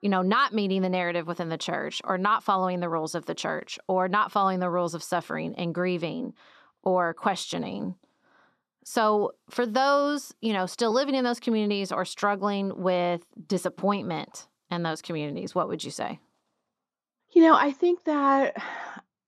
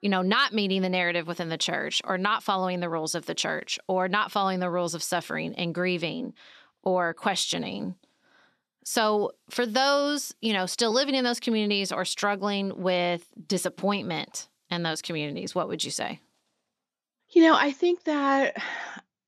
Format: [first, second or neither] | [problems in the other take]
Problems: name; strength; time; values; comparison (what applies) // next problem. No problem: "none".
second | muffled; slightly; fading above 1.5 kHz